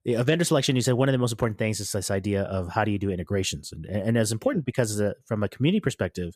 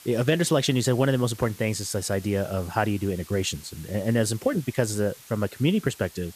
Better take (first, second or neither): first